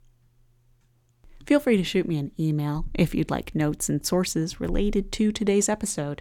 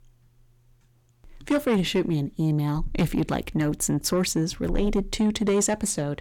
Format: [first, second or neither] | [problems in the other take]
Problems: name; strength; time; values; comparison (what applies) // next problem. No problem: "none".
first | distortion; slight; 10 dB below the speech